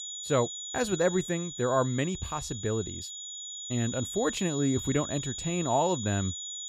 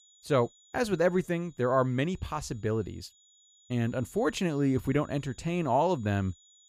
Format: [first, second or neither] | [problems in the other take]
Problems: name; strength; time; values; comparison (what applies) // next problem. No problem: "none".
second | high-pitched whine; loud; throughout; 7 kHz, 7 dB below the speech; faint in the second